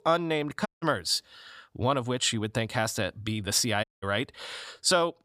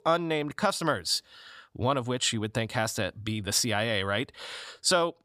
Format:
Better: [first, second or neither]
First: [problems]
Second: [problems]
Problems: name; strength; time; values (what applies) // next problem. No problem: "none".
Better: second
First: audio cutting out; at 0.5 s and at 4 s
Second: none